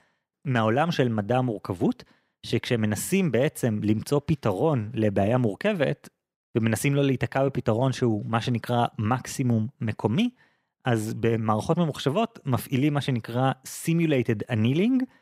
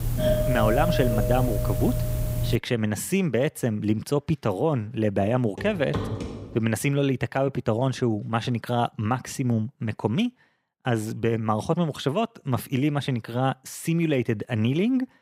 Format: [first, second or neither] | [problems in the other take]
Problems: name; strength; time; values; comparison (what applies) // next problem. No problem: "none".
first | doorbell; loud; until 2.5 s; peak 2 dB above the speech // footsteps; noticeable; from 5.5 to 6.5 s; peak 4 dB below the speech